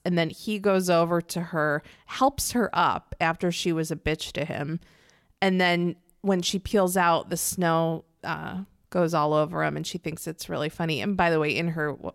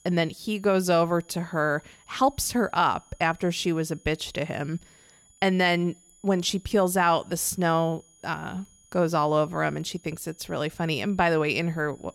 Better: first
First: none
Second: high-pitched whine; faint; throughout; 6.5 kHz, 30 dB below the speech

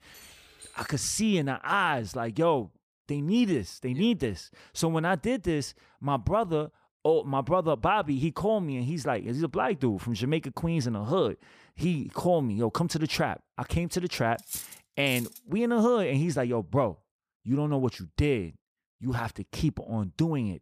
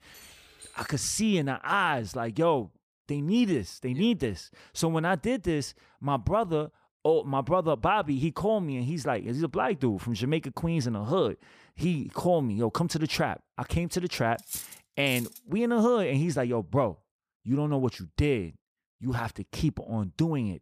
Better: neither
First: jangling keys; faint; until 1 s; peak 20 dB below the speech // clattering dishes; noticeable; from 14 to 15 s; peak 8 dB below the speech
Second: jangling keys; faint; until 1 s; peak 20 dB below the speech // clattering dishes; noticeable; from 14 to 15 s; peak 8 dB below the speech

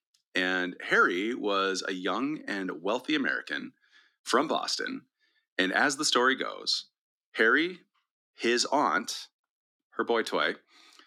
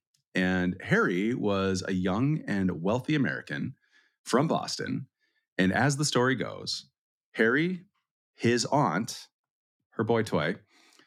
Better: second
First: thin; somewhat; fading below 300 Hz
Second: none

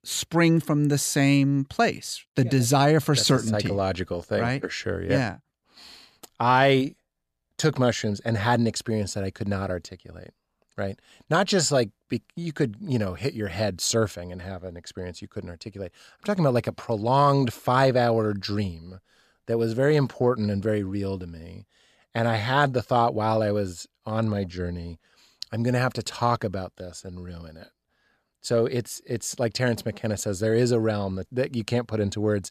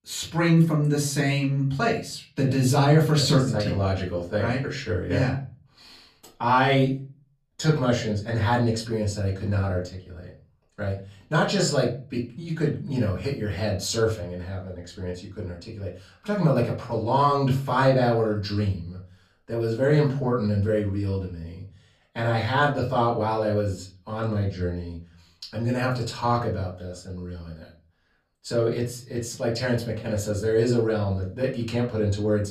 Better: first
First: none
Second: room echo; slight; dies away in 0.4 s // off-mic speech; far

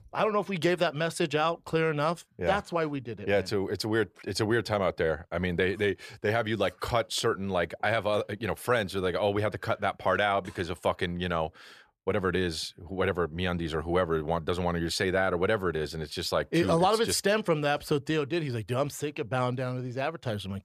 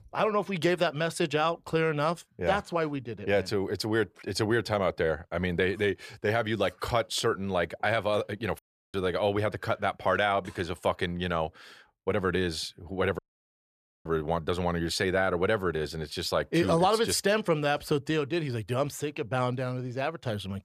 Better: first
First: none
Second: audio cutting out; at 8.5 s and at 13 s for 1 s

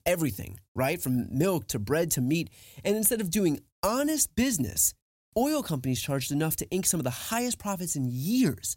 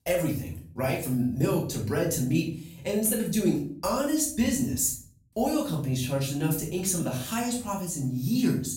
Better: first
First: none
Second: off-mic speech; far // room echo; slight; dies away in 0.4 s

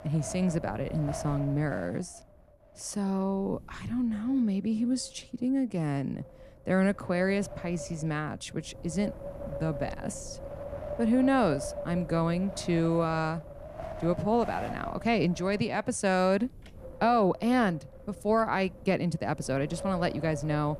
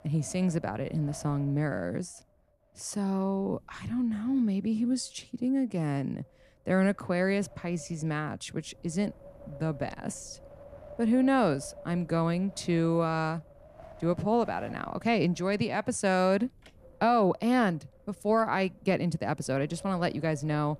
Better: second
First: wind noise on the microphone; heavy; 10 dB below the speech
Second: wind noise on the microphone; occasional gusts; 20 dB below the speech

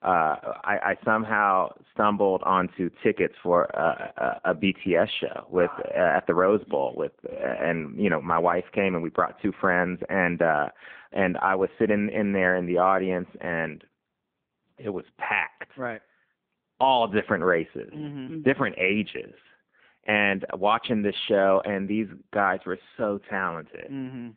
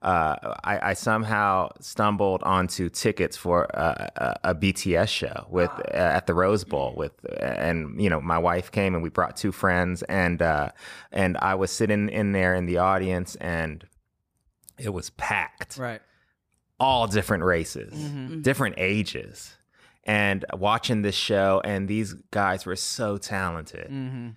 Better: second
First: phone-call audio; poor line; nothing above 3.5 kHz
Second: none

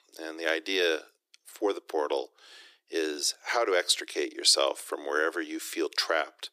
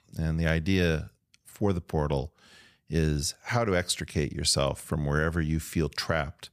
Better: second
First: thin; very; fading below 300 Hz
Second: none

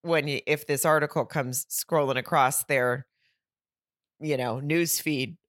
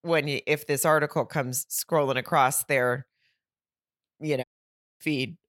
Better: first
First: none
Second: audio cutting out; at 4.5 s for 0.5 s

